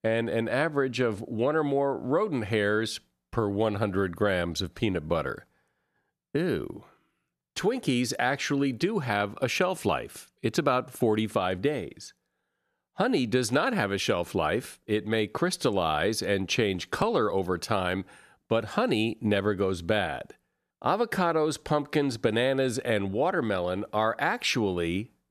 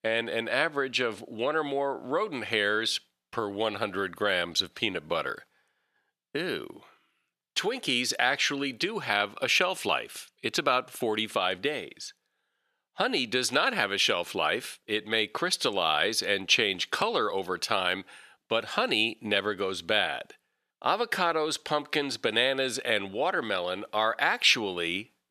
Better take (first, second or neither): first